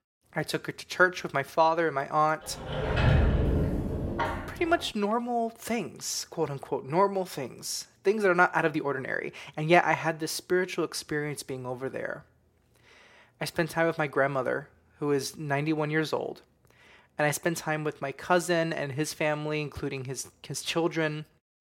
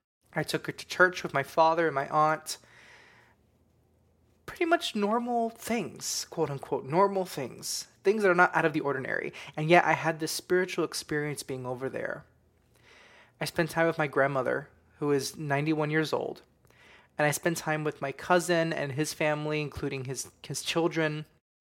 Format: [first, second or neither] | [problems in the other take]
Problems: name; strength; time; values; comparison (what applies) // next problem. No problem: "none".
second | door banging; loud; from 2.5 to 4.5 s; peak 5 dB above the speech